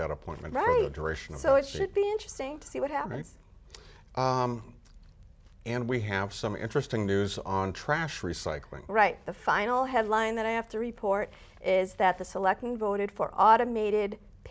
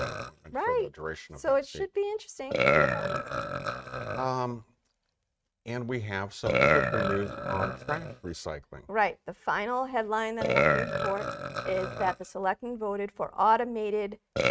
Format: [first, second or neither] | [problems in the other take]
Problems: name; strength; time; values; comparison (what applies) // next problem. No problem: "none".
first | noise reduction (neural mask model RNNoise)